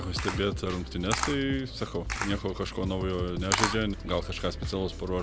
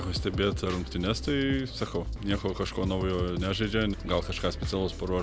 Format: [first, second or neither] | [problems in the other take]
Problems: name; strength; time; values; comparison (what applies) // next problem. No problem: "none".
second | background sound (Camera); 7 dB below the speech